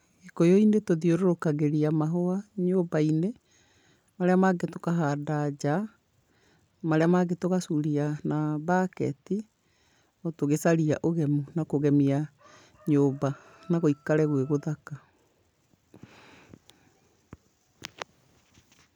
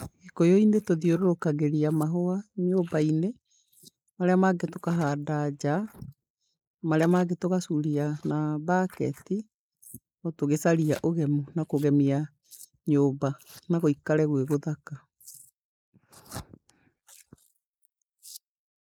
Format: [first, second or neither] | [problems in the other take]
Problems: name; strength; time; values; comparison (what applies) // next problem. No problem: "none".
first | noise reduction (neural mask model Resemble Enhance denoiser)